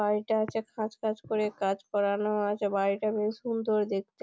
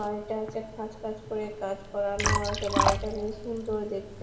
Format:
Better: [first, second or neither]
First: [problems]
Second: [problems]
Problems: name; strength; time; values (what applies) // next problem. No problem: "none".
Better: first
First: none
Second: background sound (Liquid); as loud as the speech // room echo; dies away in 2 s